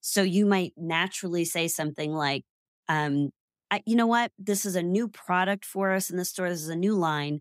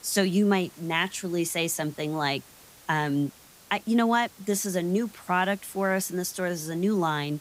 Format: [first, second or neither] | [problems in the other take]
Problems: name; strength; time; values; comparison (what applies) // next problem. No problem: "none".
first | hiss; faint; throughout; 25 dB below the speech